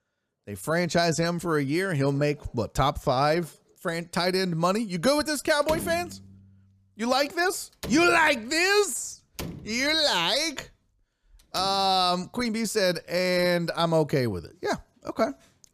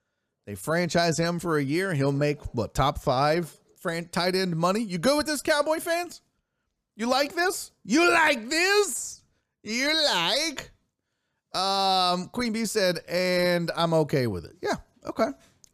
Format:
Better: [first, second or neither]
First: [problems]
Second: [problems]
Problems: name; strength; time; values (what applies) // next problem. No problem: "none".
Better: second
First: door banging; noticeable; from 5.5 to 12 s; peak 10 dB below the speech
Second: none